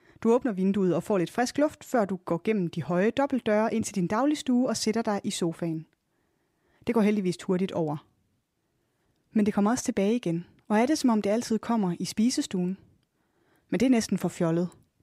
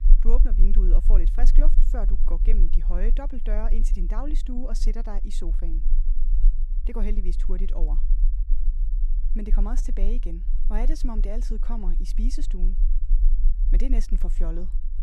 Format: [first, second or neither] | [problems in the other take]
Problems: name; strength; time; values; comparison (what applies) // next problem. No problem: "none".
first | low rumble; noticeable; throughout; 15 dB below the speech